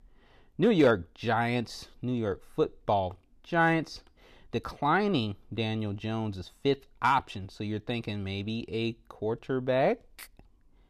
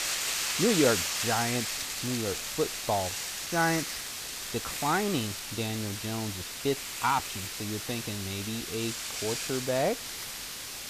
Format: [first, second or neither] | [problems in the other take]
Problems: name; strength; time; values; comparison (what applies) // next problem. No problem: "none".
first | hiss; loud; throughout; 1 dB below the speech